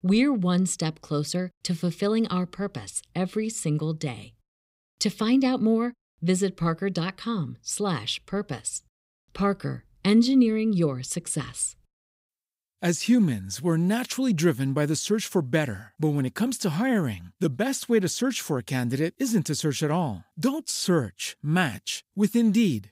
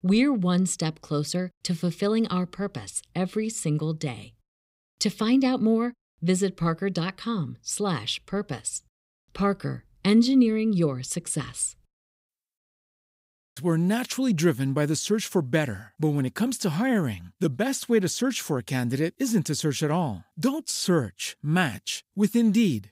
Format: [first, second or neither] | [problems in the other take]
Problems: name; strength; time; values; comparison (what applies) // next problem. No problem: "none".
first | audio cutting out; at 13 s for 1 s